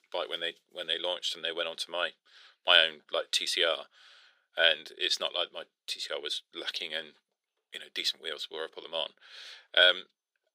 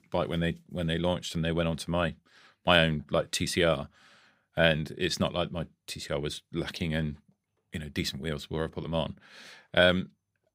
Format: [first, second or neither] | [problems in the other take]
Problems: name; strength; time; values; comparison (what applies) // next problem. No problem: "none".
second | thin; very; fading below 400 Hz